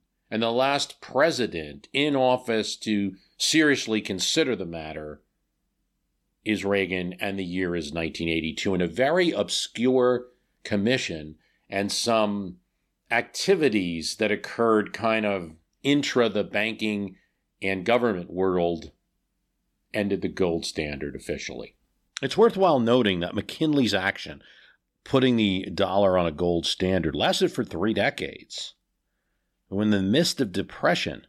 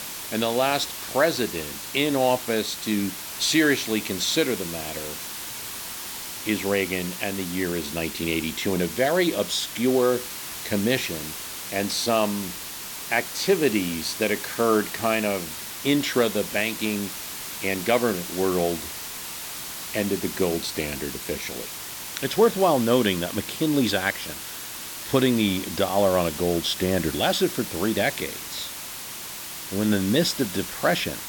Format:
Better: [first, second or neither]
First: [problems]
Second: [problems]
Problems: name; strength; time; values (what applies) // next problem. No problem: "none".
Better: first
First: none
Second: hiss; loud; throughout; 8 dB below the speech